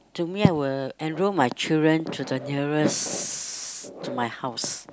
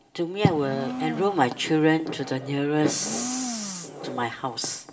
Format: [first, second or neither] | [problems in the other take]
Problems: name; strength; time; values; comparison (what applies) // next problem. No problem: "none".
first | background sound (Domestic sounds, home sounds); 11 dB below the speech // room echo; dies away in 2.6 s